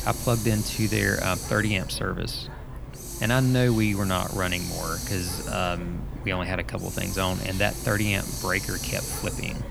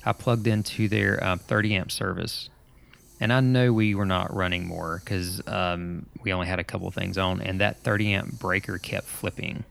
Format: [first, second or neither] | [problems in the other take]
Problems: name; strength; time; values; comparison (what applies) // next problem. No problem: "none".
second | hiss; loud; throughout; 7 dB below the speech; faint in the second